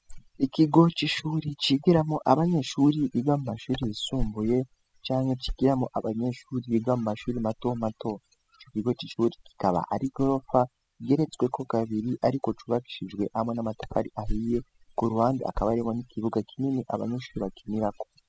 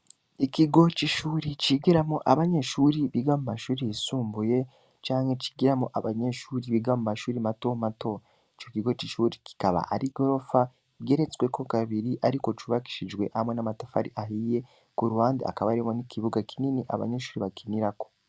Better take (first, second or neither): second